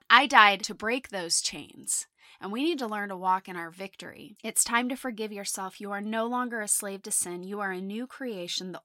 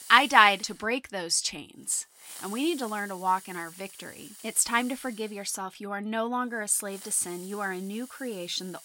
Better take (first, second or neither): first